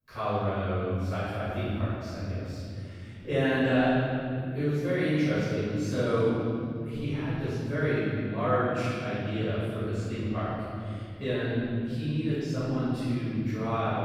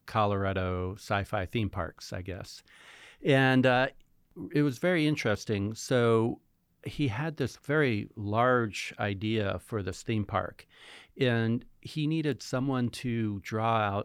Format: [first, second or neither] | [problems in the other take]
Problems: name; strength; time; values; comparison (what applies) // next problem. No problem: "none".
second | off-mic speech; far // room echo; strong; dies away in 3 s